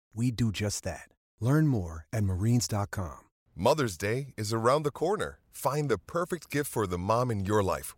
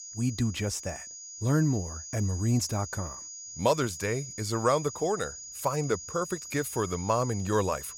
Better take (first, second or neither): first